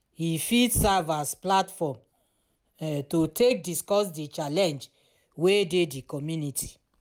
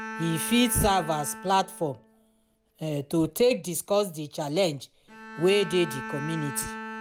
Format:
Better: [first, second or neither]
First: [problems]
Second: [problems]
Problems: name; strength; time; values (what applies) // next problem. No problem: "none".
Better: first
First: none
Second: background sound (Bowed string instrument); 13 dB below the speech